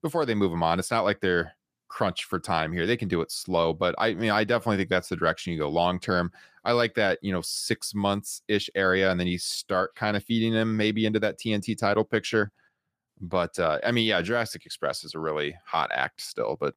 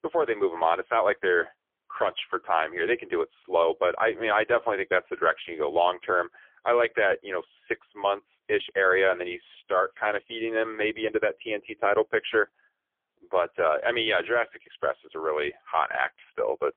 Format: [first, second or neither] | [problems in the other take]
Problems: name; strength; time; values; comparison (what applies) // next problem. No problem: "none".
first | phone-call audio; poor line; nothing above 3.5 kHz